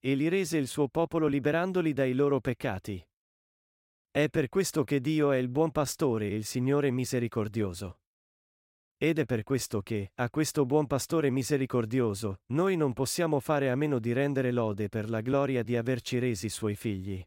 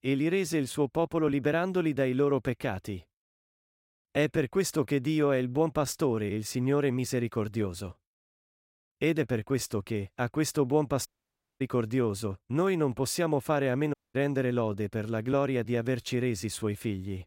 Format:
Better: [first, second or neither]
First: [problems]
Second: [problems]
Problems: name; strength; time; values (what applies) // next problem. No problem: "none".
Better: first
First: none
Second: audio cutting out; at 11 s for 0.5 s and at 14 s